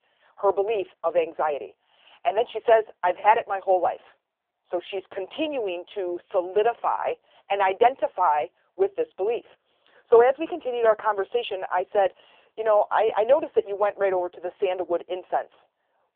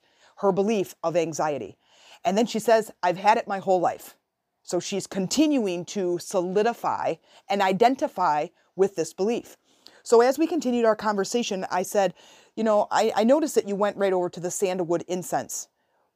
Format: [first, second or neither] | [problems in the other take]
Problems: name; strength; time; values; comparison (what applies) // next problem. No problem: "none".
second | phone-call audio; poor line; nothing above 3.5 kHz